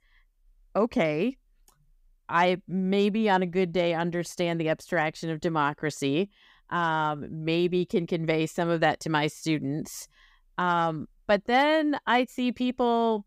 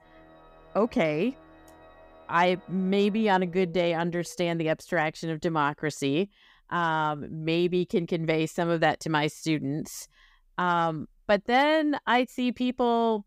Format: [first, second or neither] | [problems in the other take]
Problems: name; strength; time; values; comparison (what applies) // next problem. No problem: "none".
first | background music; faint; until 4 s; 25 dB below the speech